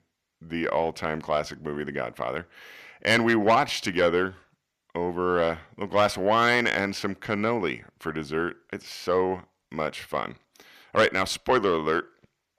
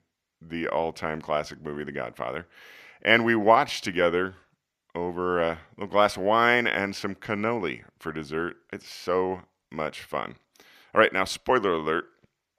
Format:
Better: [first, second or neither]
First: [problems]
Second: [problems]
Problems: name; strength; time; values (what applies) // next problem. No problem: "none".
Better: second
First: distortion; slight; 10 dB below the speech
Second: none